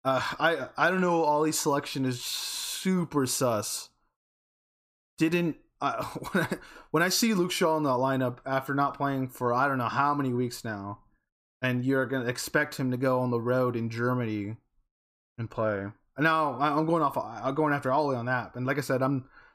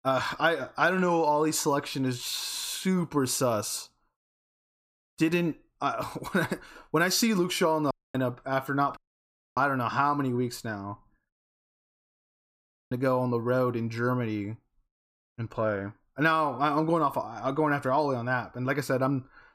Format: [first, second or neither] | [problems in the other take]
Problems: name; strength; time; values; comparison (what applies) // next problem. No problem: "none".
first | audio cutting out; at 8 s, at 9 s for 0.5 s and at 11 s for 1.5 s